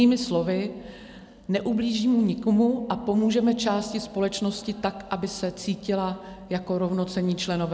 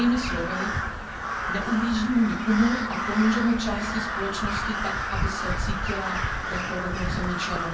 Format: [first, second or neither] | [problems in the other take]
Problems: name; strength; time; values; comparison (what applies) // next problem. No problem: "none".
first | background sound (Crow); 2 dB below the speech // room echo; dies away in 0.2 s